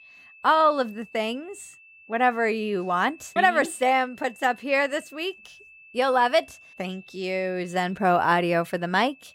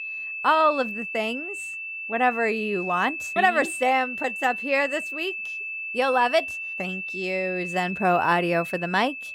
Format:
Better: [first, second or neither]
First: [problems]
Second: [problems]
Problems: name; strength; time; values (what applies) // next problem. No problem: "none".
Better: first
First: high-pitched whine; faint; throughout; 2.5 kHz, 25 dB below the speech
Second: high-pitched whine; loud; throughout; 2.5 kHz, 6 dB below the speech